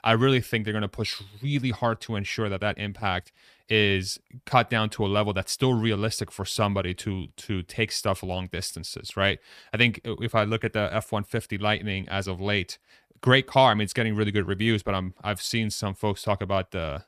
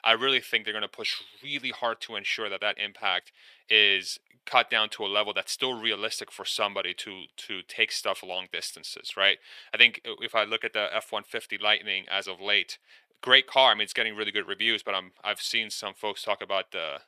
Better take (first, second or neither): first